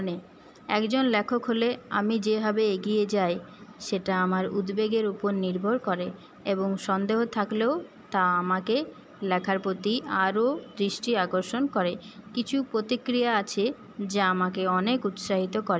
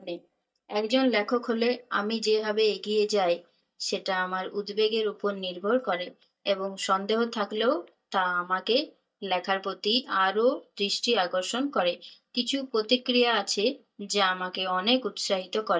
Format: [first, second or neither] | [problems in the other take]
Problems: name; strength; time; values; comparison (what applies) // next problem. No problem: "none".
first | noise reduction (neural mask model DeepFilterNet 3)